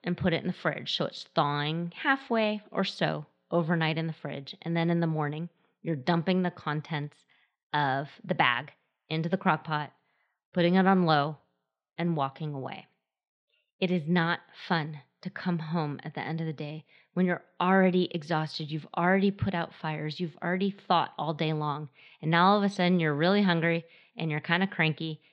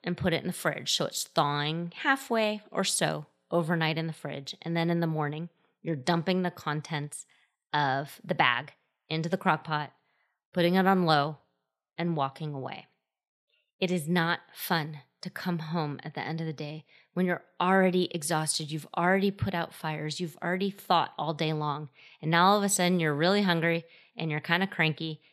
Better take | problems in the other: second | muffled; very slightly; fading above 4 kHz

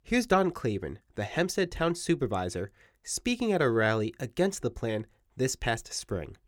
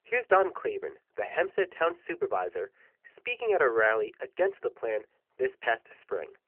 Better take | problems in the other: first | phone-call audio; nothing above 2.5 kHz

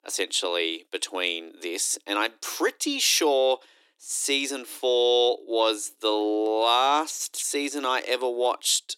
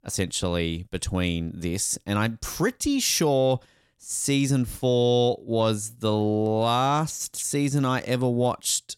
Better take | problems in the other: second | thin; somewhat; fading below 300 Hz

